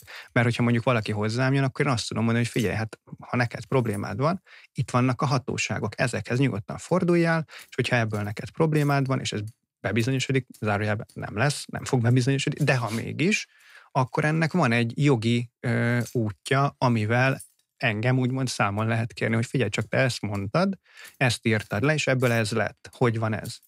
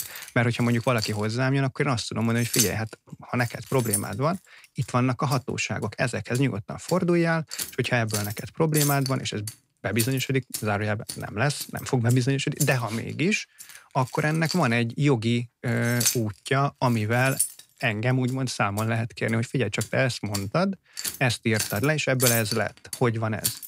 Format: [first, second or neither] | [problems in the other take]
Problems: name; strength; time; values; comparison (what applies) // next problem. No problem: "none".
first | household noises; loud; throughout; 5 dB below the speech; faint in the first